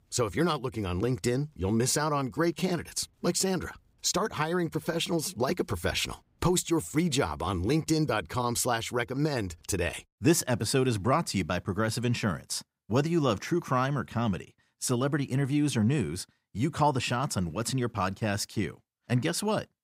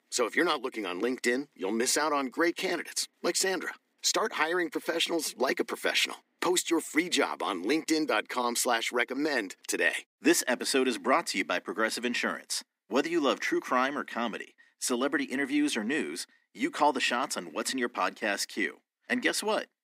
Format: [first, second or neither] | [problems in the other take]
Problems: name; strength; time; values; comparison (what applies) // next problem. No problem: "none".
first | thin; somewhat; fading below 250 Hz